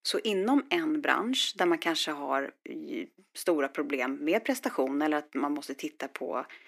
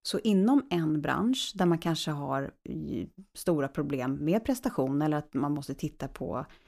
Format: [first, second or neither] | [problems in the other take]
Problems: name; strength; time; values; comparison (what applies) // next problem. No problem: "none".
second | thin; very slightly; fading below 300 Hz